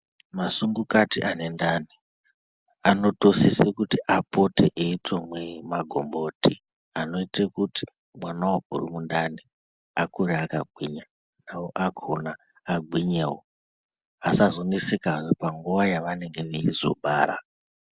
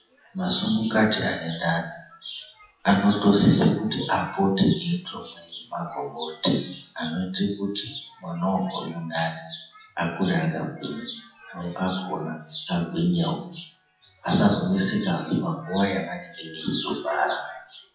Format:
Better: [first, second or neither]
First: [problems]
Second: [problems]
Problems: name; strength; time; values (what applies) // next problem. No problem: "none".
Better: first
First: none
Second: noise reduction (classical method WPE with log-MMSE)